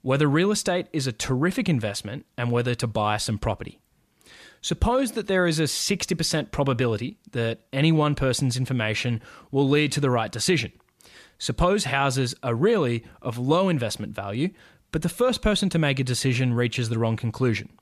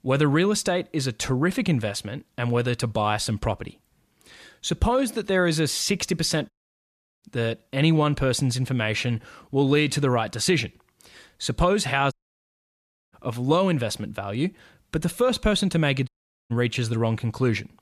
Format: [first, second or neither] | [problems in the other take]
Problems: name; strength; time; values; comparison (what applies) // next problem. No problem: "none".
first | audio cutting out; at 6.5 s for 0.5 s, at 12 s for 1 s and at 16 s